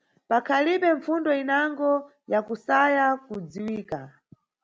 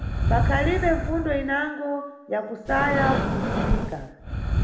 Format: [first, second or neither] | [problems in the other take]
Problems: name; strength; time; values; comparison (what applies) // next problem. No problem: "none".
first | background sound (Breathing); 1 dB above the speech // room echo; dies away in 0.9 s